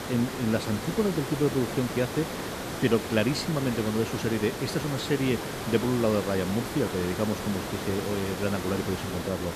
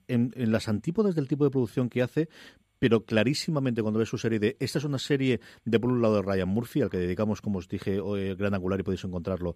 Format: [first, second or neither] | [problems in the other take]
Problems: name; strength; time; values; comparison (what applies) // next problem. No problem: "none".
second | hiss; loud; throughout; 5 dB below the speech